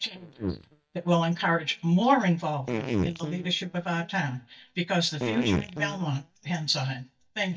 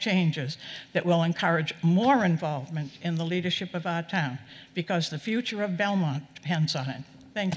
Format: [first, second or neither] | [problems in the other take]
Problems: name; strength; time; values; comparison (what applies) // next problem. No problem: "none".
second | noise reduction (neural mask model DeepFilterNet 3)